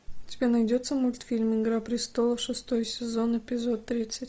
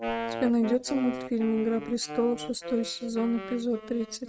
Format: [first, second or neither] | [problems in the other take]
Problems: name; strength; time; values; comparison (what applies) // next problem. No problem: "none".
first | noise reduction (neural mask model RNNoise)